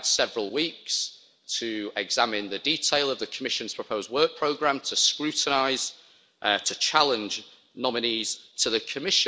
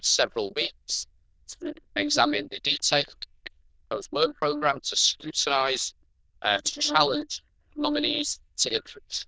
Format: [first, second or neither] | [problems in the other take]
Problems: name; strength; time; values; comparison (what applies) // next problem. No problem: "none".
first | noise reduction (neural diffusion model UNIVERSE++)